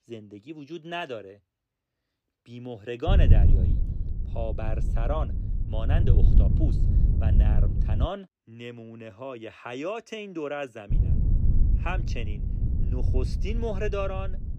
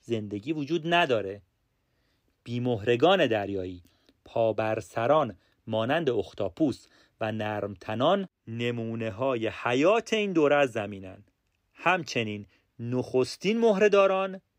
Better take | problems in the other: second | wind noise on the microphone; heavy; from 3 to 8 s and from 11 s on; 6 dB below the speech

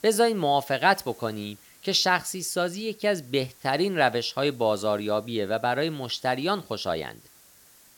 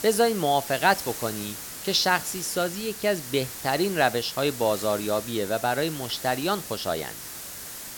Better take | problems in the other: first | hiss; loud; throughout; 9 dB below the speech; faint in the first

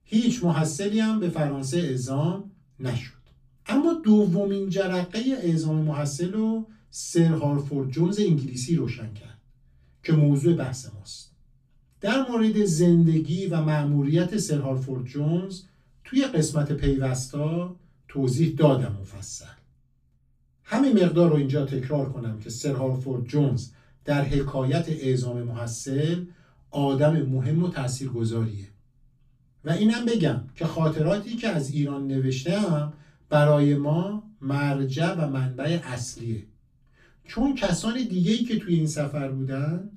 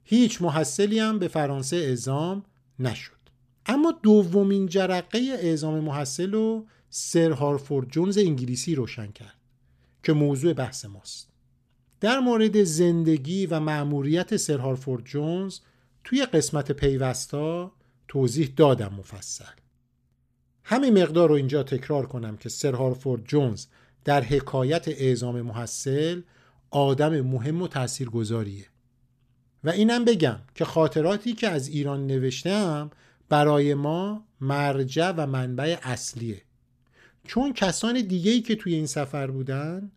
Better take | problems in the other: second | off-mic speech; far // room echo; very slight; dies away in 0.2 s

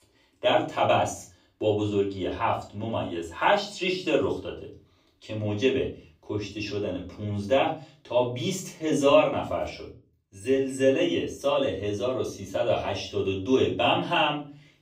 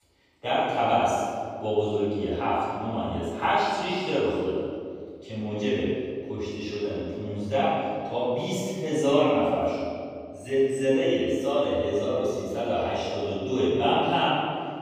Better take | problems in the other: first | room echo; strong; dies away in 2 s; slight in the first // off-mic speech; far; far in the first

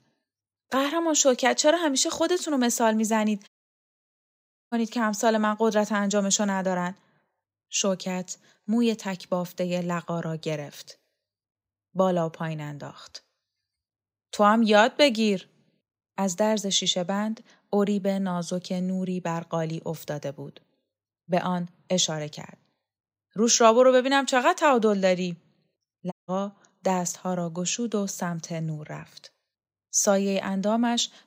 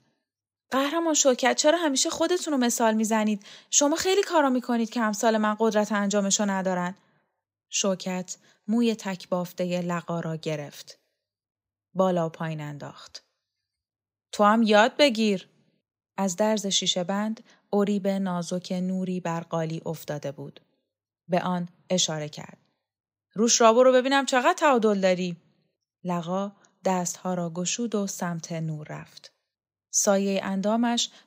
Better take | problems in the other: second | audio cutting out; at 3.5 s for 1 s and at 26 s

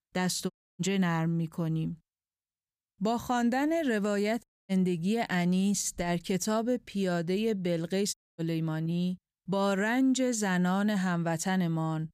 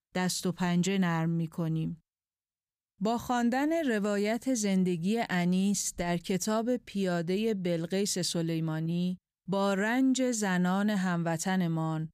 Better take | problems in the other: second | audio cutting out; at 0.5 s, at 4.5 s and at 8 s

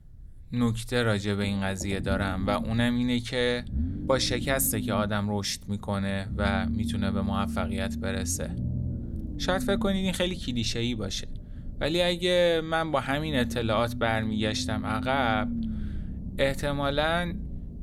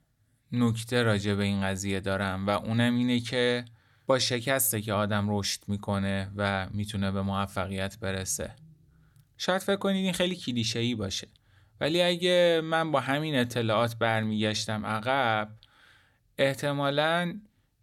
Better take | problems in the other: second | low rumble; noticeable; throughout; 15 dB below the speech

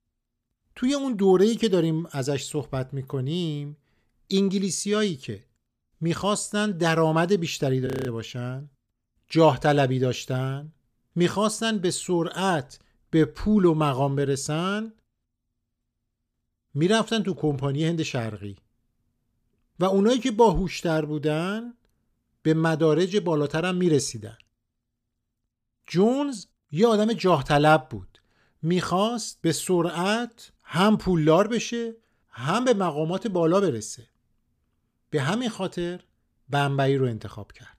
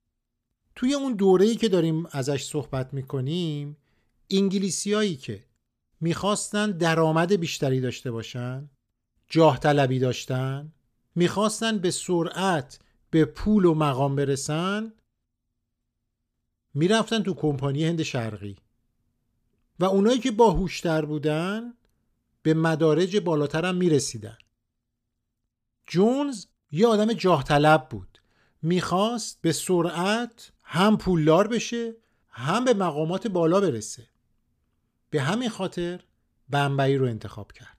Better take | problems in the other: second | audio freezing; at 8 s

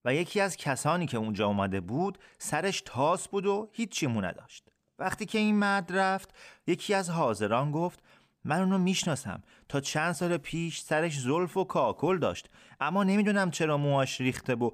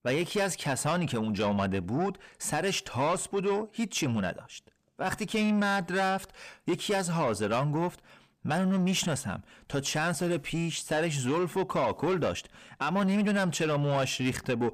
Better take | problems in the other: first | distortion; slight; 10 dB below the speech

